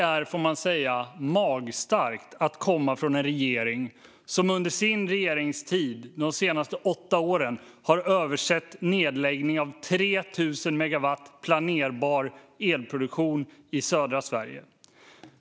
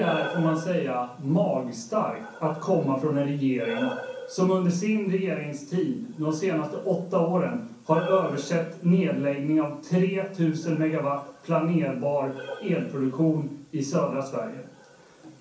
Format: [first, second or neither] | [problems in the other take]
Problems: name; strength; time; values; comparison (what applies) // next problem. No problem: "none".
first | background sound (Breathing); 16 dB below the speech // room echo; dies away in 0.6 s